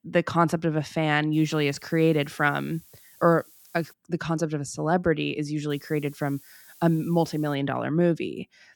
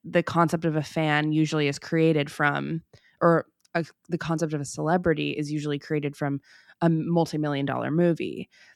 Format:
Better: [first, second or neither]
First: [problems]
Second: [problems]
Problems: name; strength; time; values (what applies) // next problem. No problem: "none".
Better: second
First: hiss; faint; from 1.5 to 4 s and from 5.5 to 7.5 s; 25 dB below the speech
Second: none